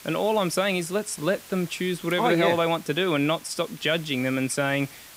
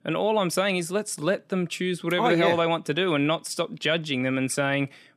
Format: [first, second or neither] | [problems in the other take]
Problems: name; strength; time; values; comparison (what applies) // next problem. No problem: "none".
second | hiss; noticeable; throughout; 20 dB below the speech